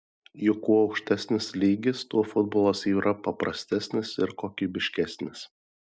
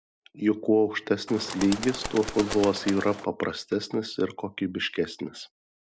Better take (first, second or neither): first